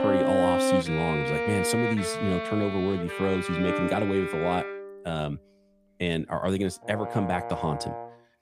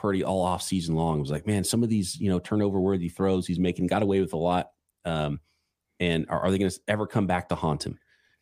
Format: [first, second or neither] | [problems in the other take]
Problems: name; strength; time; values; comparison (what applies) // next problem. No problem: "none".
second | background music; loud; throughout; 1 dB below the speech